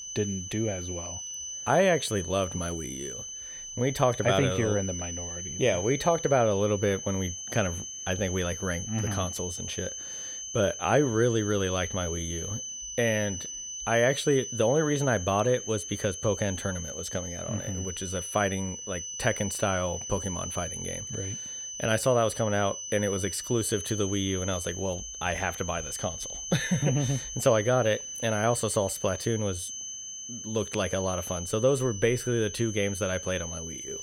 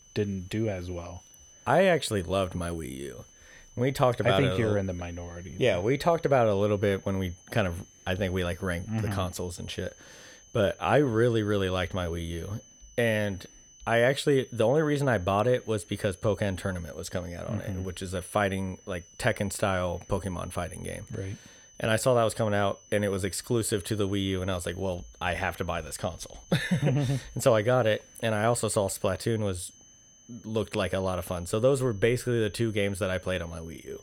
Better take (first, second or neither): second